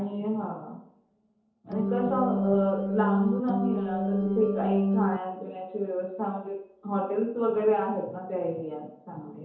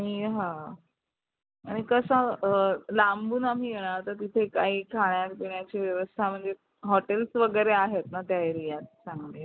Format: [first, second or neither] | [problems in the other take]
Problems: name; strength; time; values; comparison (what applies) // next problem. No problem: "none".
second | background sound (Organ); 2 dB above the speech // room echo; dies away in 0.8 s